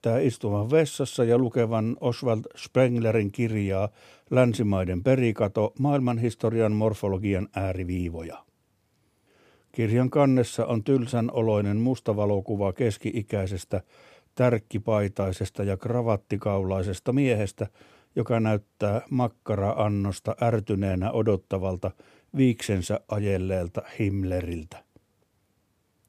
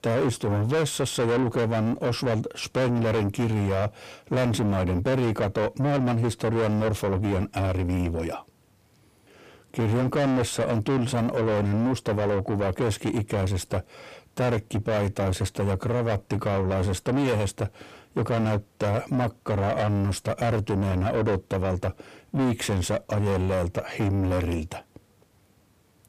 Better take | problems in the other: first | distortion; heavy; 6 dB below the speech

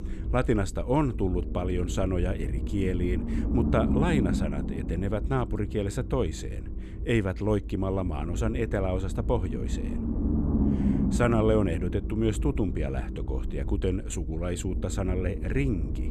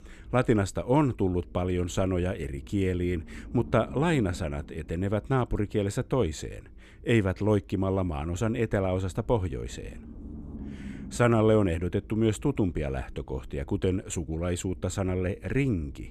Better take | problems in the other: second | low rumble; loud; throughout; 8 dB below the speech; faint in the second

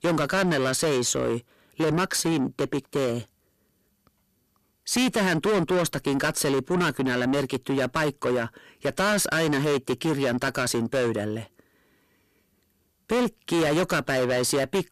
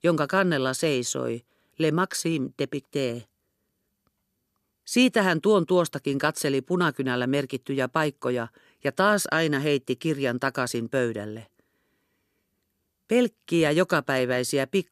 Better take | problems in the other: second | distortion; heavy; 5 dB below the speech

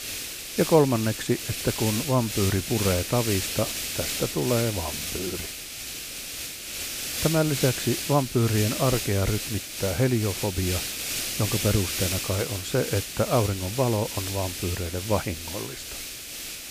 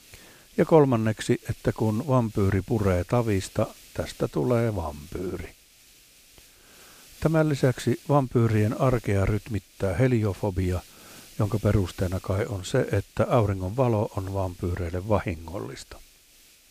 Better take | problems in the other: second | hiss; loud; throughout; 3 dB below the speech; faint in the second

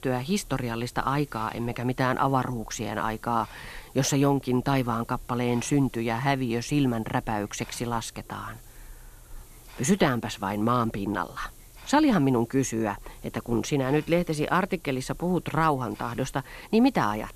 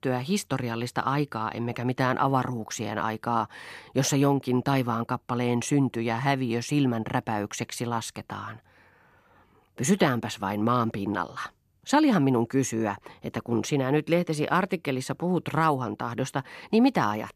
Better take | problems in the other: second | hiss; faint; throughout; 20 dB below the speech

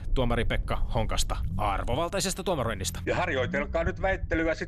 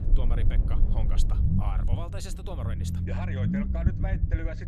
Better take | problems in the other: first | low rumble; loud; throughout; 1 dB below the speech; faint in the first

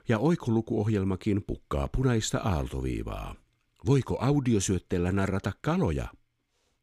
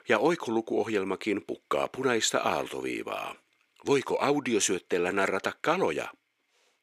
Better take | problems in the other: first | thin; somewhat; fading below 450 Hz

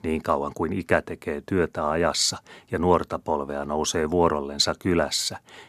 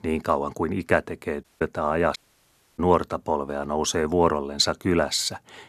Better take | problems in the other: first | audio cutting out; at 1.5 s and at 2 s for 0.5 s

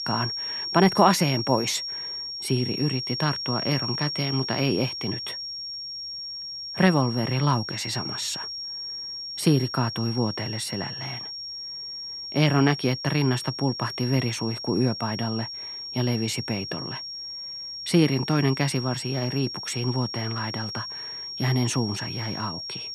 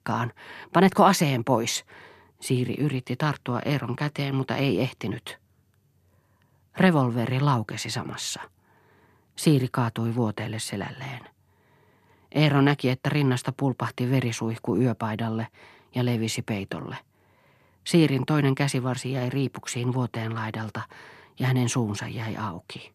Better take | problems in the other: second | high-pitched whine; loud; throughout; 5.5 kHz, 6 dB below the speech

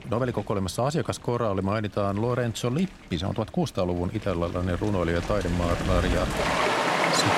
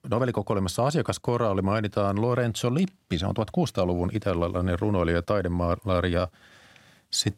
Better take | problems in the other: second | rain or running water; very loud; throughout; as loud as the speech

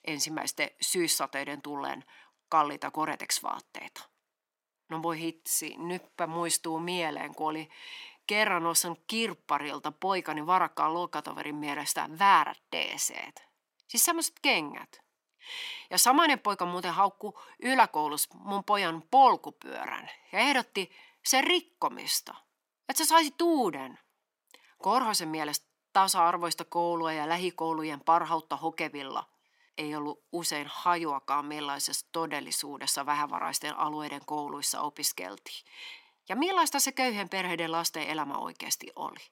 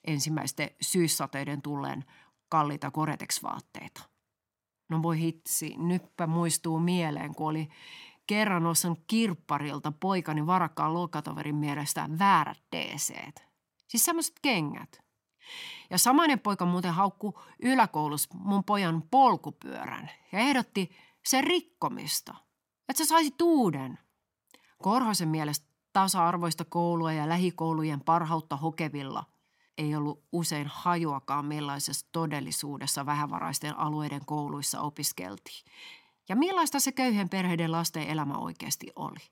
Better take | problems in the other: second | thin; somewhat; fading below 450 Hz

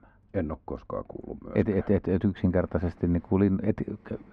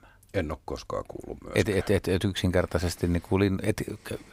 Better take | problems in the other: second | muffled; very; fading above 1.5 kHz

